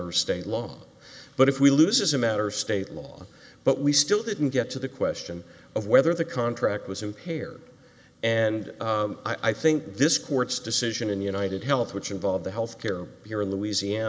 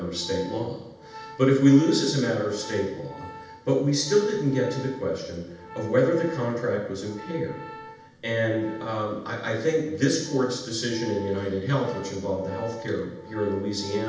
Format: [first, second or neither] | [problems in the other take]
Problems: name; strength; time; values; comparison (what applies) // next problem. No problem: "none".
first | background sound (Organ); 19 dB below the speech // room echo; dies away in 0.8 s